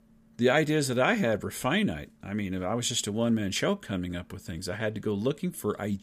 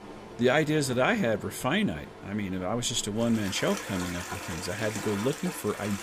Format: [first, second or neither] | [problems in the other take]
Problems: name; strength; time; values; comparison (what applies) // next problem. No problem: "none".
first | rain or running water; noticeable; throughout; 10 dB below the speech